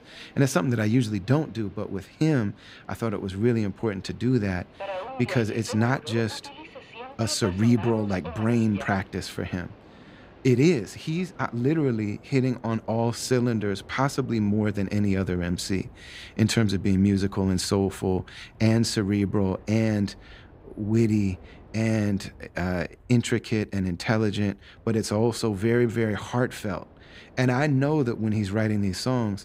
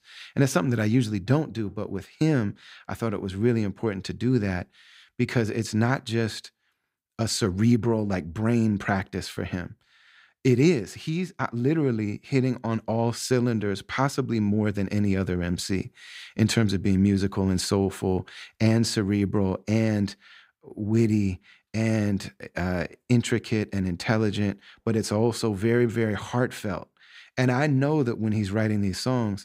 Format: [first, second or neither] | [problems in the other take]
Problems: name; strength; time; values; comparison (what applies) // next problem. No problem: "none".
second | train or aircraft noise; faint; throughout; 20 dB below the speech